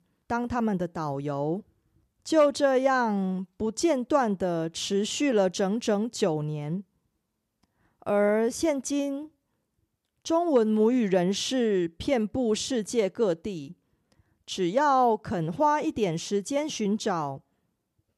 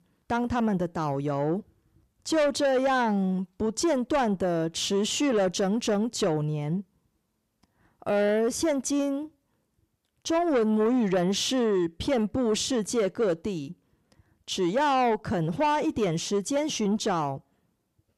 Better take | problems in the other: first | distortion; slight; 10 dB below the speech

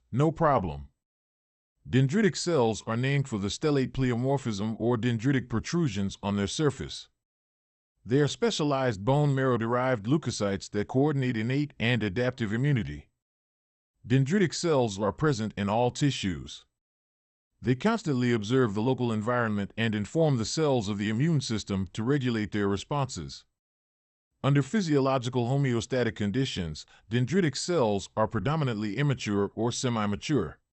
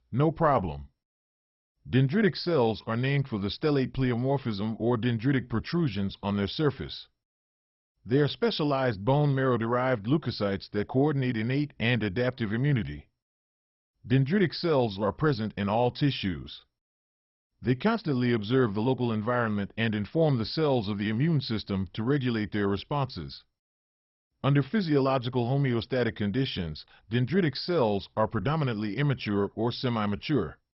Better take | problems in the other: first | garbled, watery; badly; nothing above 5.5 kHz; slightly in the first

